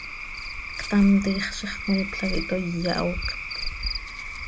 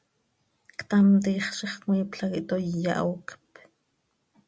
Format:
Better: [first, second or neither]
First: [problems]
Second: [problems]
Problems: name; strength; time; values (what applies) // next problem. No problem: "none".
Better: second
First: background sound (Cricket / Frog); 5 dB below the speech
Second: none